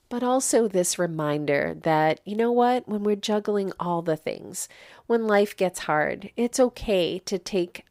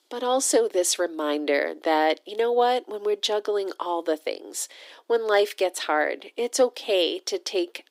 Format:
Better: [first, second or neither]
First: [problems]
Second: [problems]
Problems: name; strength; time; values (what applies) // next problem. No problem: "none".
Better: first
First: none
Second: thin; somewhat; fading below 300 Hz